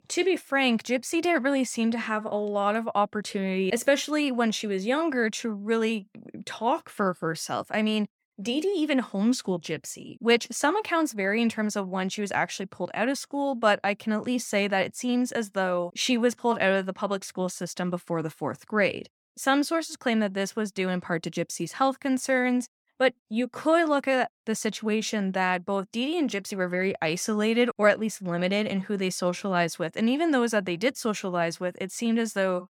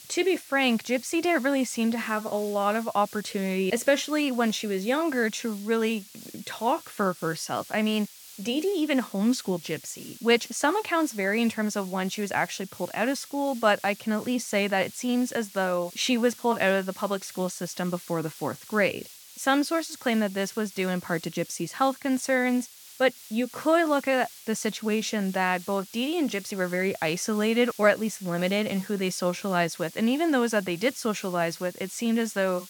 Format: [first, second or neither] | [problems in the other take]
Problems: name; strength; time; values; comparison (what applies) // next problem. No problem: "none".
first | hiss; noticeable; throughout; 20 dB below the speech